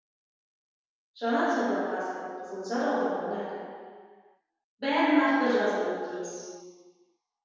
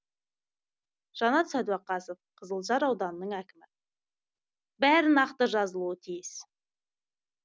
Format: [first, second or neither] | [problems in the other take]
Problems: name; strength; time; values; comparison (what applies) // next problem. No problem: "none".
second | room echo; dies away in 1.9 s